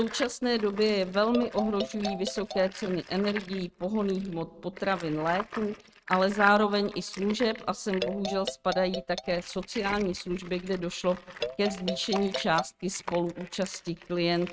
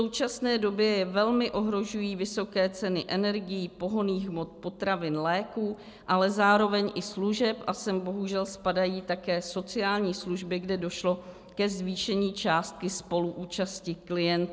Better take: second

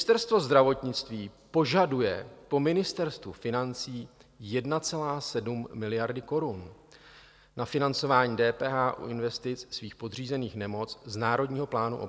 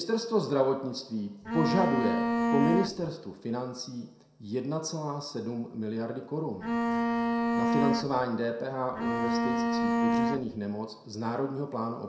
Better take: first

